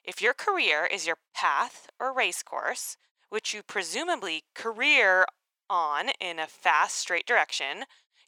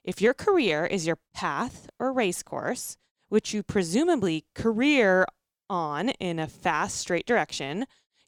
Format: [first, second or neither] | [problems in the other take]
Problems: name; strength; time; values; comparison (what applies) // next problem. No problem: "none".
second | thin; very; fading below 750 Hz